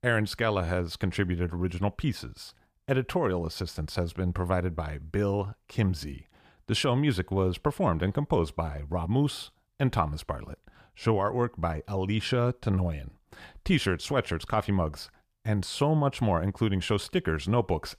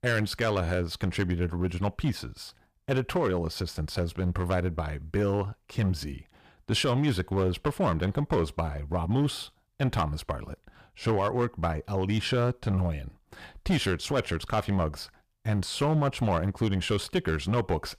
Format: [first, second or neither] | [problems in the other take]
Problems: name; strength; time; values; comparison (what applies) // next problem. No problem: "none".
first | distortion; slight; 5% of the sound clipped